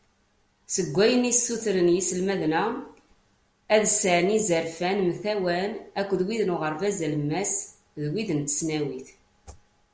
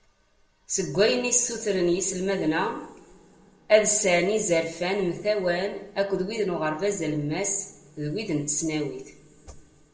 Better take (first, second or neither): first